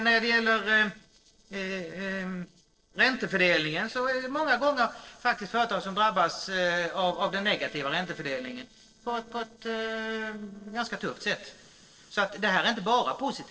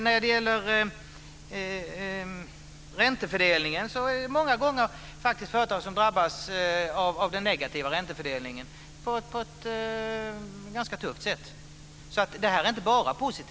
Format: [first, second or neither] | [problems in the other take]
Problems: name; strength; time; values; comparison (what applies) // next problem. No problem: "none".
second | noise reduction (neural separator model SepFormer DNS4)